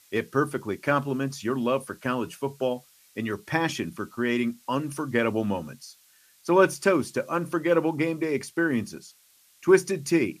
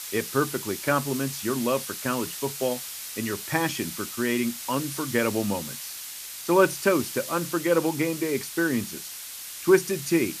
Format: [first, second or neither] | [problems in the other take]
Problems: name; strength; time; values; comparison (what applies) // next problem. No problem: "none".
first | hiss; loud; throughout; 8 dB below the speech; faint in the first